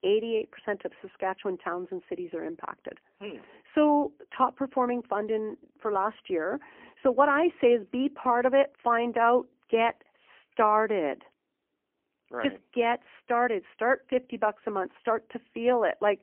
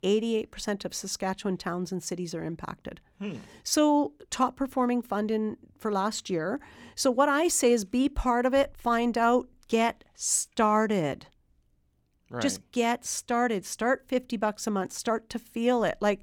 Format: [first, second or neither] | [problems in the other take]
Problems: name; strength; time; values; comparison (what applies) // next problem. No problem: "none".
second | phone-call audio; poor line; nothing above 3 kHz